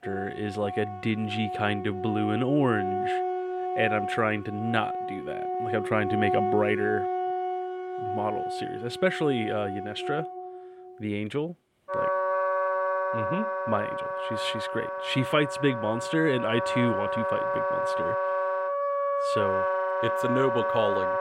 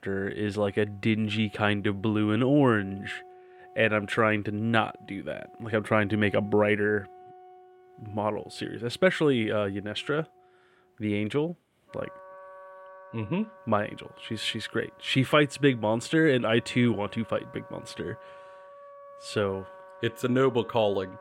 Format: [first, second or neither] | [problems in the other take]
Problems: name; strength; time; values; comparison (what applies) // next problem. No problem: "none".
second | background music; loud; throughout; 1 dB below the speech; faint in the second